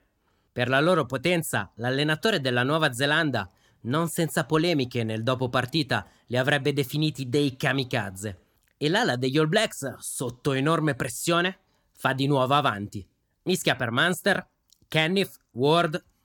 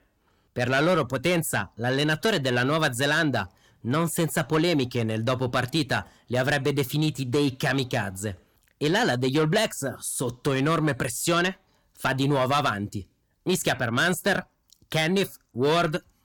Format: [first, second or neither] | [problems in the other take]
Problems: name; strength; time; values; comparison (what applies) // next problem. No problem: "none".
first | distortion; slight; 10 dB below the speech